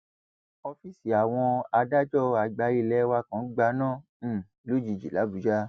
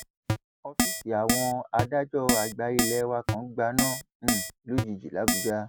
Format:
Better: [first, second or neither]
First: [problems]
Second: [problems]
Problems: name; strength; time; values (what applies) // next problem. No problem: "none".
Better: first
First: none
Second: background sound (Keyboard (musical)); as loud as the speech